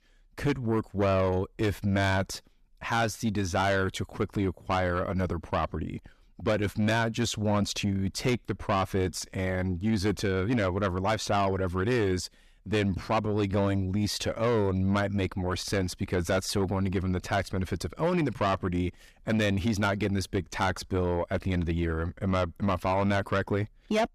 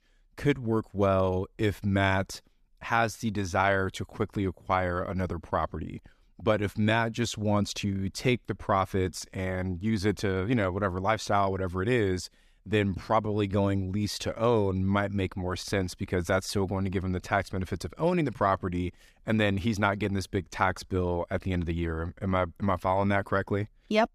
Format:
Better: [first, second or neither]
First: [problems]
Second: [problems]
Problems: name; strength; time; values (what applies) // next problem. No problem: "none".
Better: second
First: distortion; slight; 10 dB below the speech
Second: none